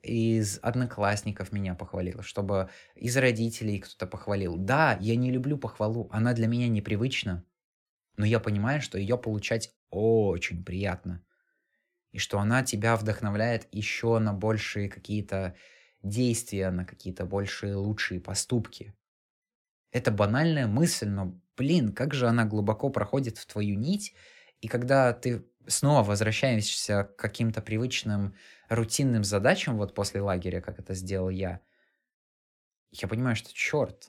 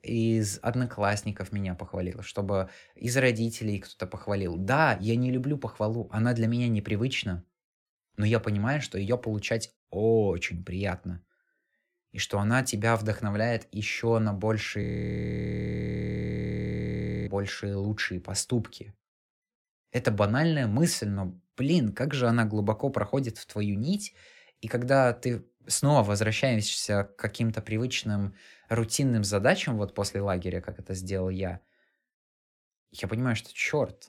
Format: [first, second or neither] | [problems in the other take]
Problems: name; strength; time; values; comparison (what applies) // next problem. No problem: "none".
first | audio freezing; at 15 s for 2.5 s